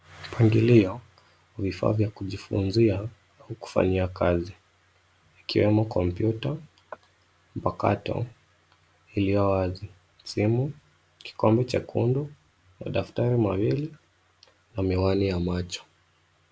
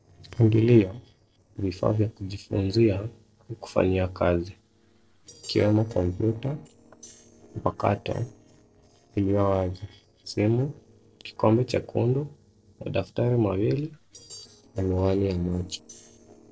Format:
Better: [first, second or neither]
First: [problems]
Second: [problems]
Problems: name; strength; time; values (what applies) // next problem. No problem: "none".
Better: first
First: none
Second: noise reduction (neural separator model SepFormer DNS4)